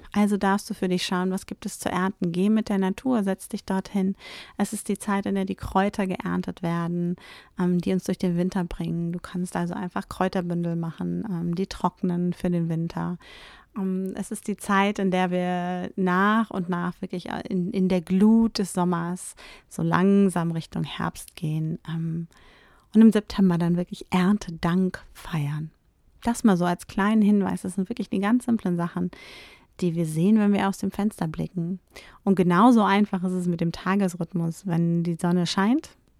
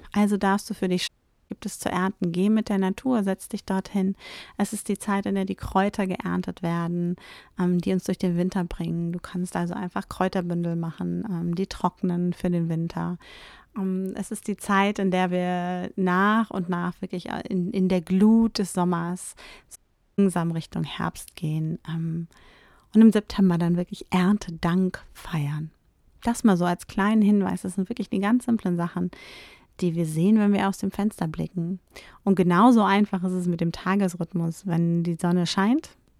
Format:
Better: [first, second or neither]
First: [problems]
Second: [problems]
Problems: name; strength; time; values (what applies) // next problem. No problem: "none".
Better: first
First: none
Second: audio cutting out; at 1 s and at 20 s